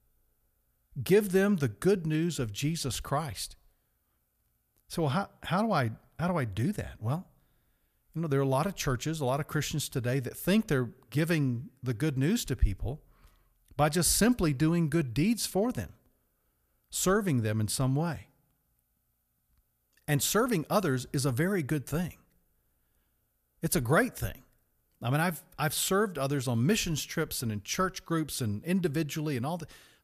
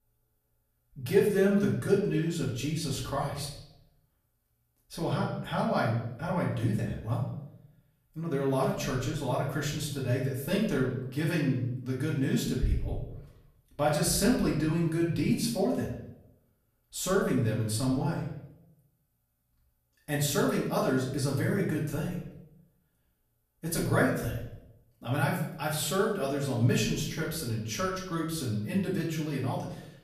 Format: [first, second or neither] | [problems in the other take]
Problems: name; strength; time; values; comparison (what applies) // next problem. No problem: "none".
first | off-mic speech; far // room echo; noticeable; dies away in 0.7 s